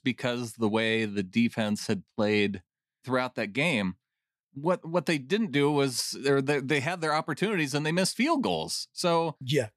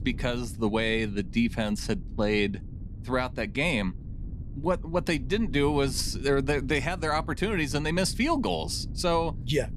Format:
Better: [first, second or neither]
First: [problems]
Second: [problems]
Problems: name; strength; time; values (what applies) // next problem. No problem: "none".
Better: first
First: none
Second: wind noise on the microphone; occasional gusts; 20 dB below the speech